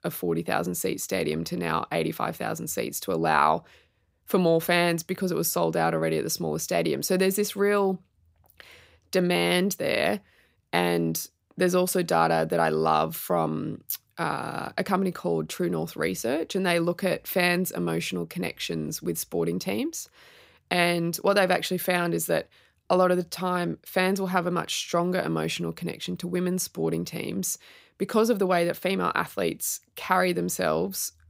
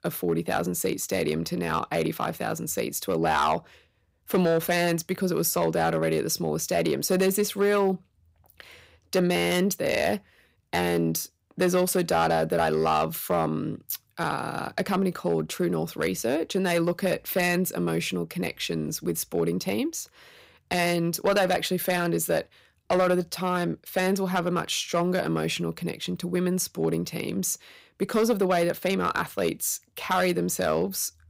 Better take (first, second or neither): first